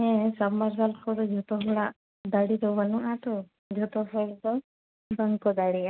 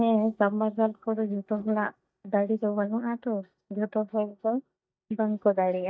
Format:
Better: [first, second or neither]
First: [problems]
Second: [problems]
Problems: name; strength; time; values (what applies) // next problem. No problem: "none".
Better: first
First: none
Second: noise reduction (neural mask model DeepFilterNet 3)